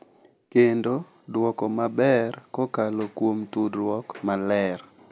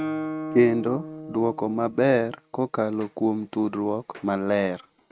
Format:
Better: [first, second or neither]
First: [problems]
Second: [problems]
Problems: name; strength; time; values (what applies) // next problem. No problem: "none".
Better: first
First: none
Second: noise reduction (neural mask model RNNoise)